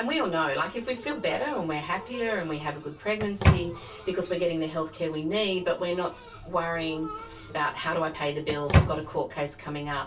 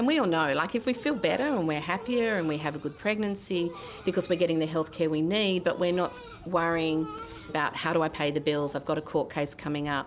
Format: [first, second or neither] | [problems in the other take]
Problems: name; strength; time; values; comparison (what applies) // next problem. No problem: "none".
second | background sound (Microwave oven); 5 dB above the speech // room echo; dies away in 0.2 s